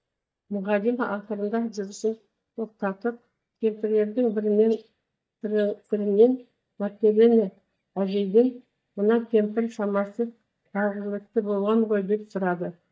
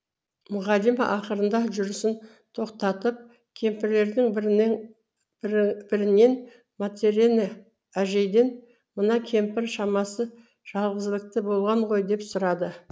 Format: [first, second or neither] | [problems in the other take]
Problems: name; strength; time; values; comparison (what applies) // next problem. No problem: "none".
second | noise reduction (neural mask model DeepFilterNet 3)